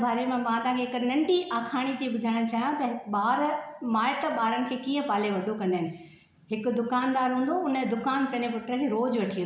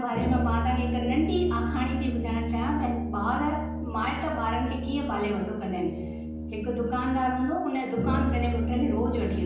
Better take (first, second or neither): first